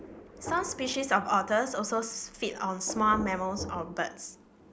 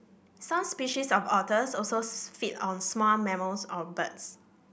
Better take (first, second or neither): second